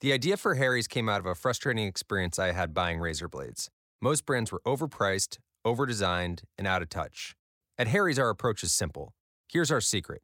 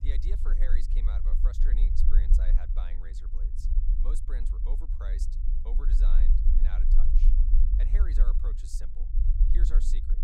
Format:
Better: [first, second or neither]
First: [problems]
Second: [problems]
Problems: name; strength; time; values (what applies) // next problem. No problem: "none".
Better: first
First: none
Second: low rumble; loud; throughout; 3 dB below the speech